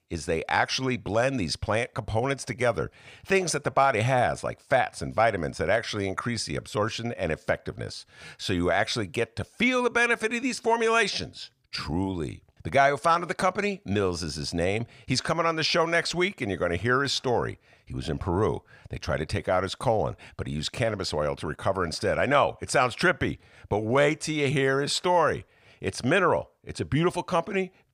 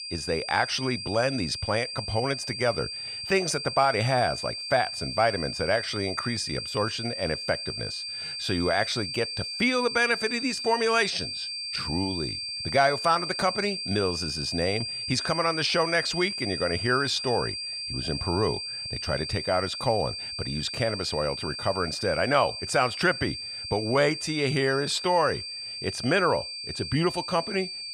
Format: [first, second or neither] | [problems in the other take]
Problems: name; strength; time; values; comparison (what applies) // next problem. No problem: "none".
first | high-pitched whine; loud; throughout; 4.5 kHz, 5 dB below the speech